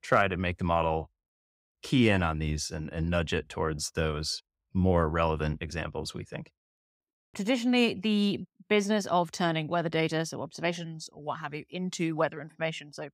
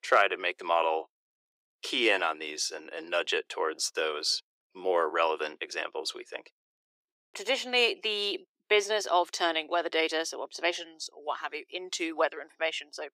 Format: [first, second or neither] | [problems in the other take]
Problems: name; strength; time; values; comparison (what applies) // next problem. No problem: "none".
first | thin; very; fading below 350 Hz